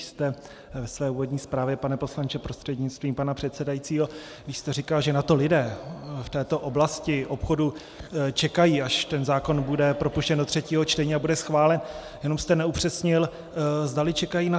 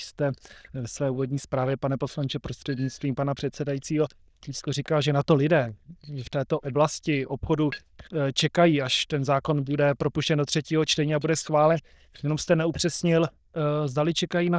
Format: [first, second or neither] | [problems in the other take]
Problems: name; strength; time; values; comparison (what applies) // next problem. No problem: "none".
first | noise reduction (neural diffusion model UNIVERSE++)